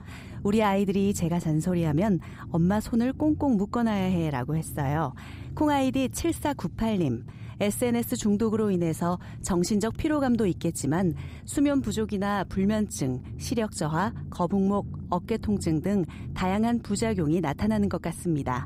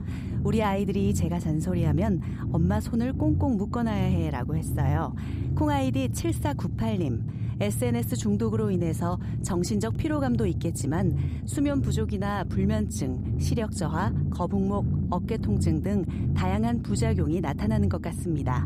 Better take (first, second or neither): first